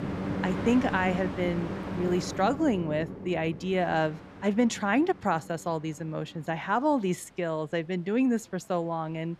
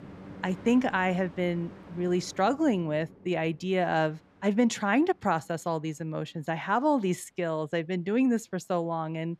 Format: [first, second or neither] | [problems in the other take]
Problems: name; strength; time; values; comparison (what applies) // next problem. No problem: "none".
second | train or aircraft noise; loud; throughout; 7 dB below the speech; faint in the second